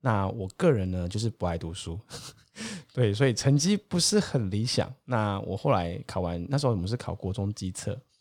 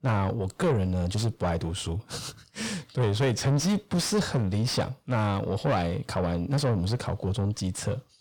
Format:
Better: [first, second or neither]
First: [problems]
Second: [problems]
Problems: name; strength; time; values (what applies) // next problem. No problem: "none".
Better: first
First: none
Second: distortion; heavy; 7 dB below the speech